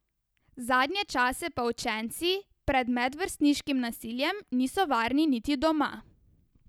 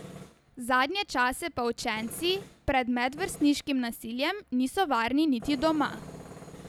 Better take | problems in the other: first | background sound (Tools); 19 dB below the speech

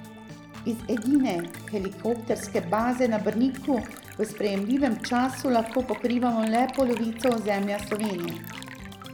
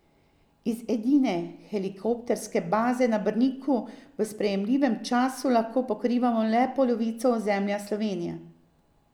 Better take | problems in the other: second | background sound (Organ + Liquid); 14 dB below the speech

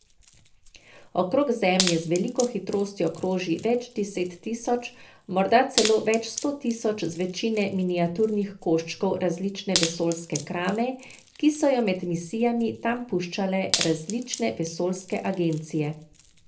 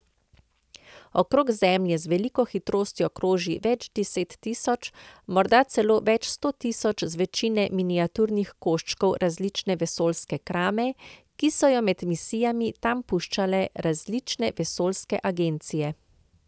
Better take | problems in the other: second | background sound (Wood); 11 dB below the speech // room echo; dies away in 0.3 s

